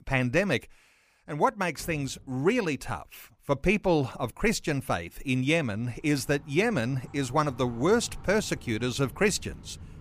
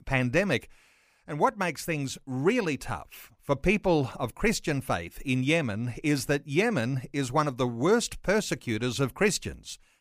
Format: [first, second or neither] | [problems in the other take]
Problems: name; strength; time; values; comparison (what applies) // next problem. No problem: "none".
second | traffic noise; faint; throughout; 20 dB below the speech